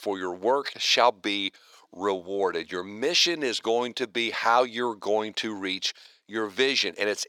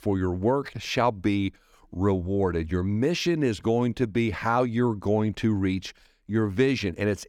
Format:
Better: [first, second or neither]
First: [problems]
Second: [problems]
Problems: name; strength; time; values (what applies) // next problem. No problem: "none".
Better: second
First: thin; very; fading below 550 Hz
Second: none